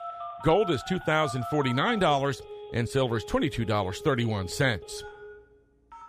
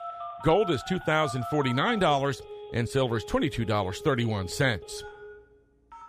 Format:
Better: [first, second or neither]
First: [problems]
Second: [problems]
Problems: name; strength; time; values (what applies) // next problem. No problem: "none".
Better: neither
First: alarms or sirens; noticeable; throughout; 15 dB below the speech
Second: alarms or sirens; noticeable; throughout; 15 dB below the speech